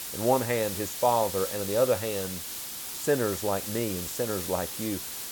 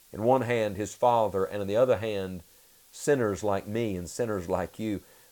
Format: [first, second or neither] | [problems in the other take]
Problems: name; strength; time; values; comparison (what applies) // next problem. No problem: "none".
second | hiss; loud; throughout; 5 dB below the speech; faint in the second